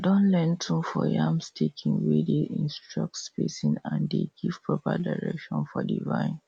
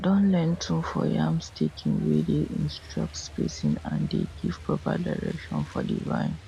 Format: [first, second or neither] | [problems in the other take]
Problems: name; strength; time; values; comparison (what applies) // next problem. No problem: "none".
first | background sound (Truck); 16 dB below the speech